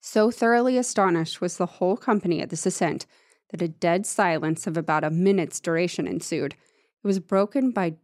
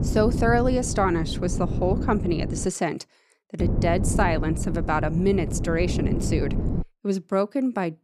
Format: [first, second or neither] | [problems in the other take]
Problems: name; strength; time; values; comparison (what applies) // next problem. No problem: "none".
first | wind noise on the microphone; heavy; until 2.5 s and from 3.5 to 7 s; 10 dB below the speech